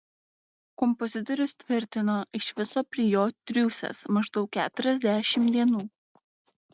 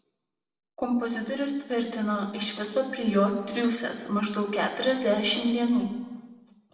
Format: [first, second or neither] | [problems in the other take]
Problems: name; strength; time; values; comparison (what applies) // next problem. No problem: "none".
first | room echo; dies away in 1.2 s